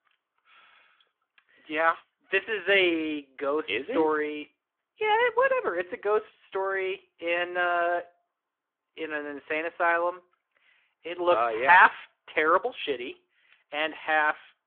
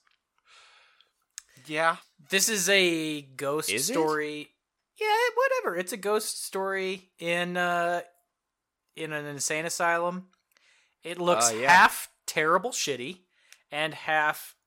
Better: second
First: phone-call audio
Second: none

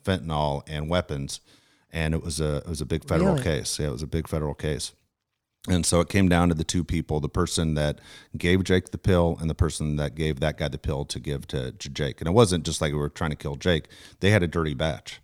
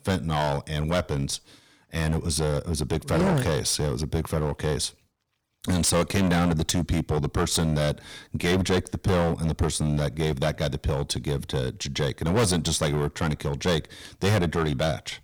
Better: first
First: none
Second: distortion; heavy; 11% of the sound clipped

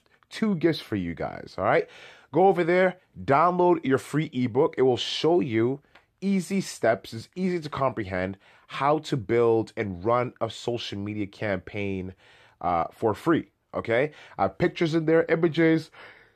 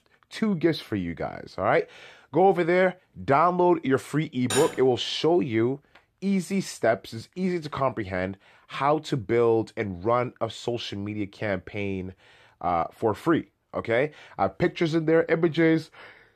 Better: first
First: none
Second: clattering dishes; noticeable; at 4.5 s; peak 4 dB below the speech

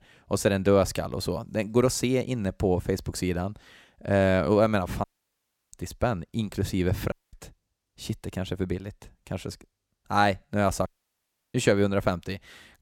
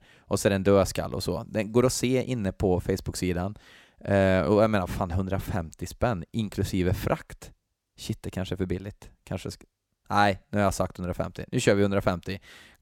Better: second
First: audio cutting out; at 5 s for 0.5 s, at 7 s and at 11 s for 0.5 s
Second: none

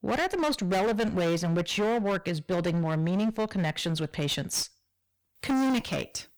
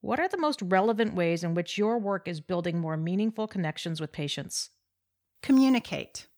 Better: second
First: distortion; heavy; 25% of the sound clipped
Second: none

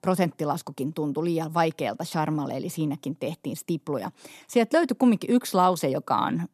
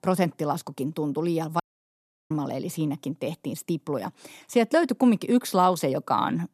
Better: first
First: none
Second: audio cutting out; at 1.5 s for 0.5 s

